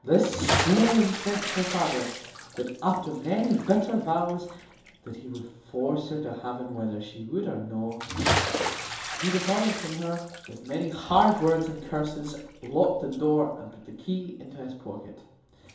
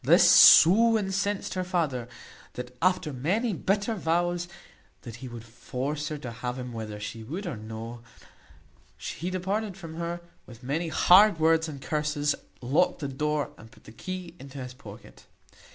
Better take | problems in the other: second | background sound (Bathtub (filling or washing) / Splash, splatter); 7 dB below the speech // room echo; dies away in 2.8 s

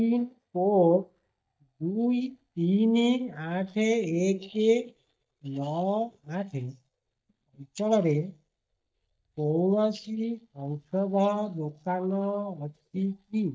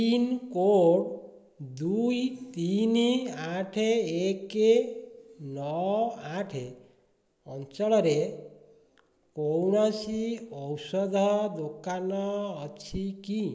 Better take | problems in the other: second | noise reduction (neural mask model DeepFilterNet 3)

